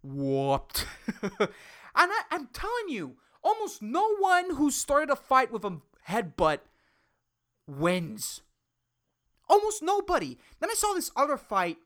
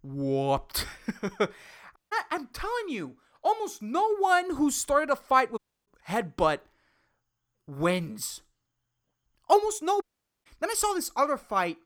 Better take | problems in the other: first | audio cutting out; at 2 s, at 5.5 s and at 10 s

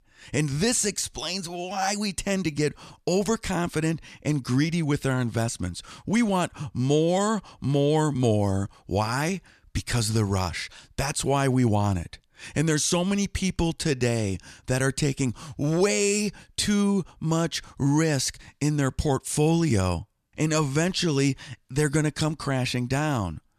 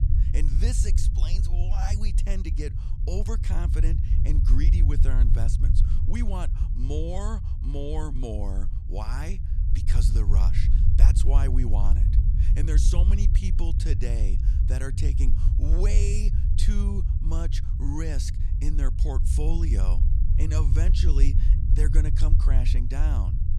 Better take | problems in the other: first | low rumble; loud; throughout; 5 dB below the speech

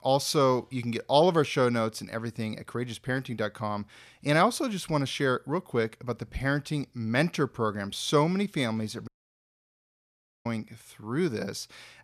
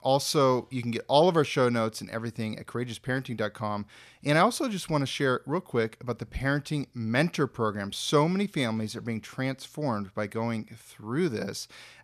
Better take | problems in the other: second | audio cutting out; at 9 s for 1.5 s

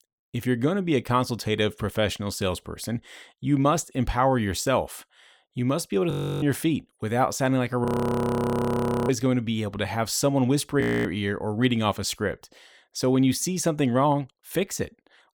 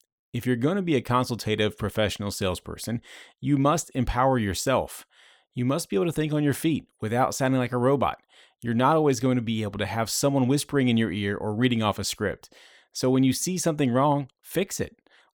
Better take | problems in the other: second | audio freezing; at 6 s, at 8 s for 1 s and at 11 s

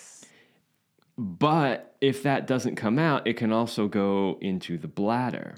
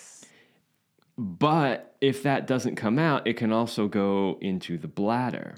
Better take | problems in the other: neither | none

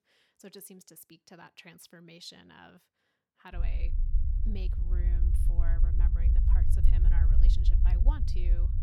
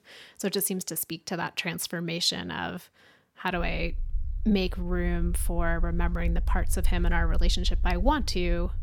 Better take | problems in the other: second | low rumble; loud; from 3.5 s on; as loud as the speech; faint in the second

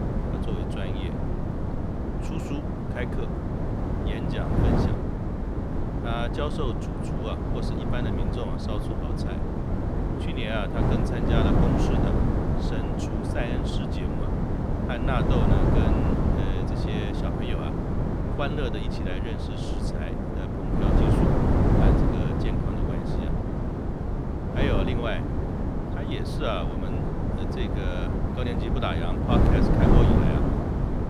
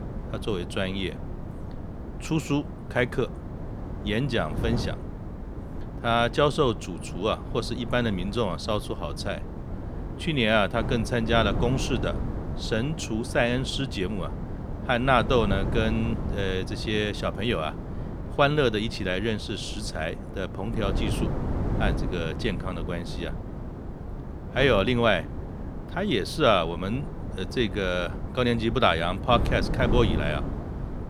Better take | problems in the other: second | wind noise on the microphone; heavy; 3 dB above the speech; occasional gusts in the second

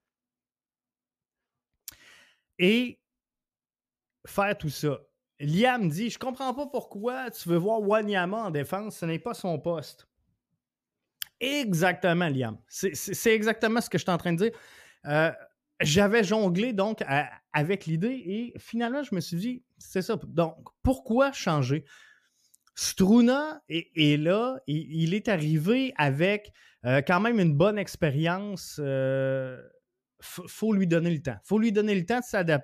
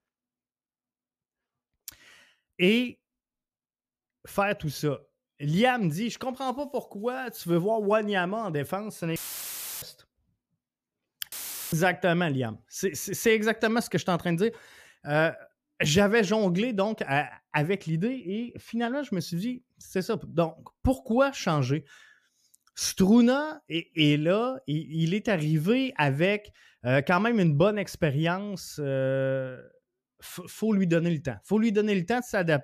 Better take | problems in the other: first | audio cutting out; filled with static; at 9 s for 0.5 s and at 11 s

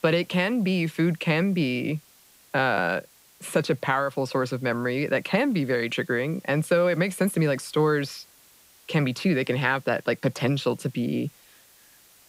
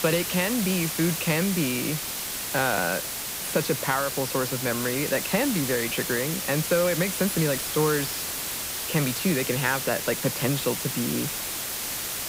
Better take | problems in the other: first | hiss; loud; throughout; 2 dB below the speech; faint in the first

